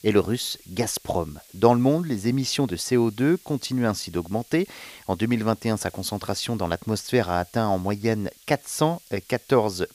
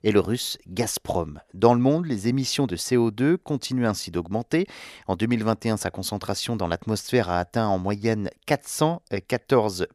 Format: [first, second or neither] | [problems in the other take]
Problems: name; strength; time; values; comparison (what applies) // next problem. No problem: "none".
second | hiss; faint; throughout; 25 dB below the speech